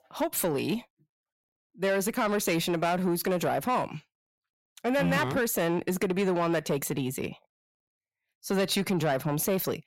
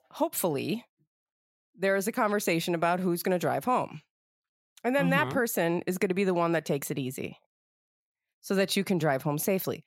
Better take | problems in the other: second | distortion; slight; 10 dB below the speech

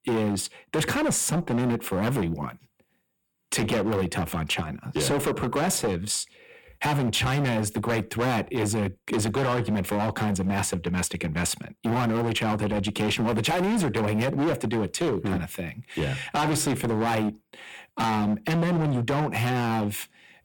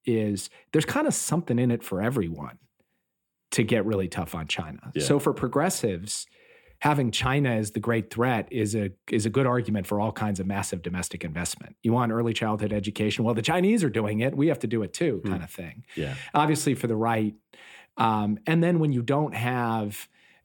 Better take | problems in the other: second | distortion; heavy; 21% of the sound clipped

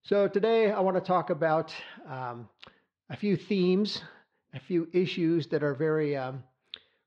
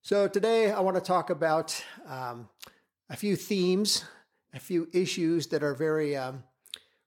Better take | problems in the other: second | muffled; slightly; fading above 3.5 kHz

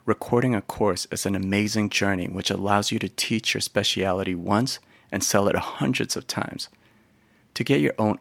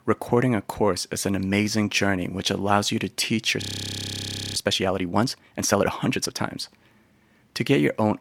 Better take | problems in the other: first | audio freezing; at 3.5 s for 1 s

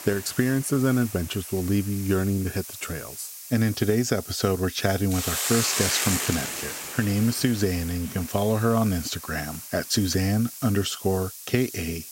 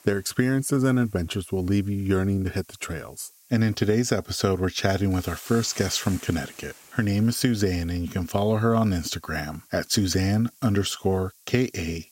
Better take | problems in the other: second | hiss; loud; throughout; 7 dB below the speech; faint in the second

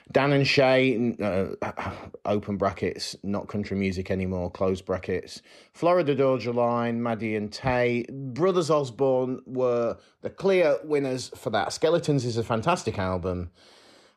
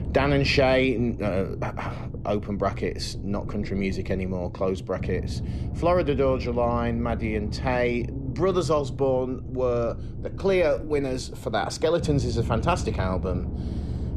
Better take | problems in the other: first | low rumble; noticeable; throughout; 15 dB below the speech

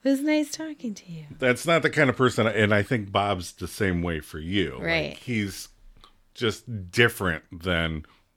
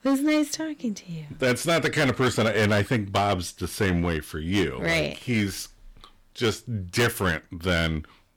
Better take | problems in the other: first | distortion; heavy; 9% of the sound clipped

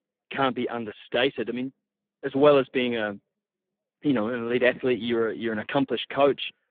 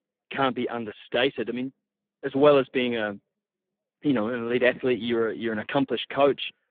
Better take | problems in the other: neither | phone-call audio; poor line; nothing above 3.5 kHz; the same in both

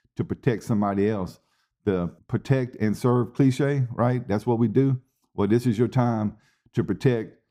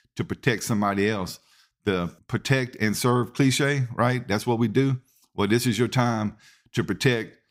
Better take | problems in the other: second | muffled; slightly; fading above 1.5 kHz

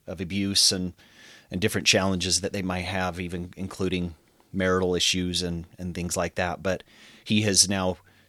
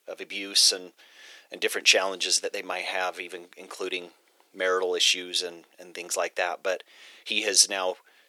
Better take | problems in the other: first | thin; very; fading below 400 Hz

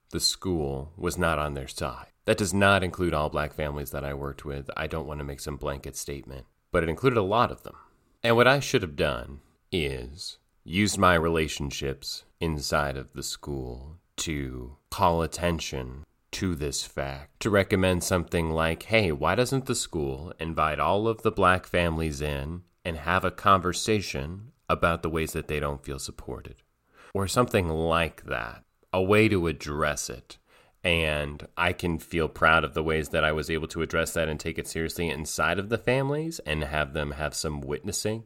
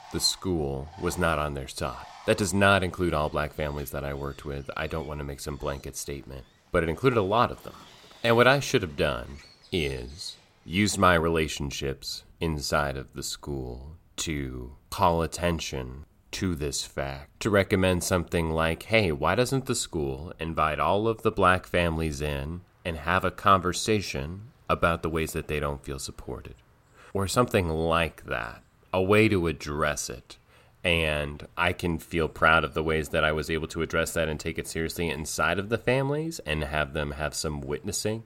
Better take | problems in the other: first | animal sounds; faint; throughout; 30 dB below the speech

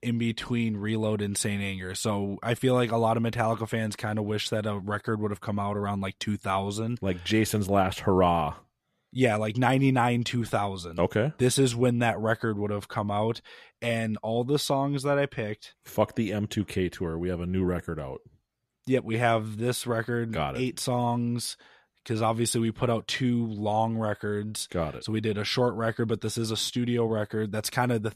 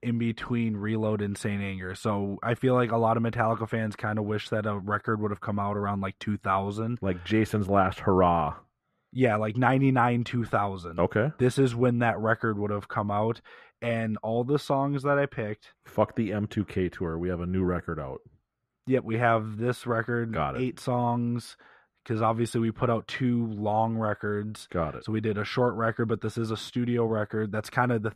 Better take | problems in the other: first | muffled; slightly; fading above 3 kHz

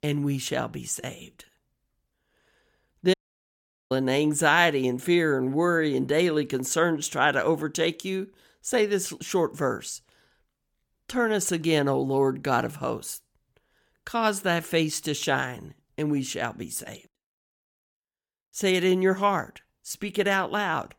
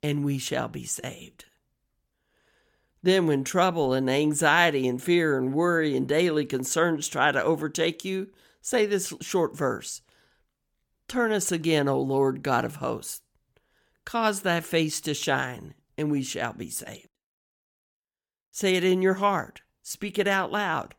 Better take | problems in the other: second | audio cutting out; at 3 s for 1 s

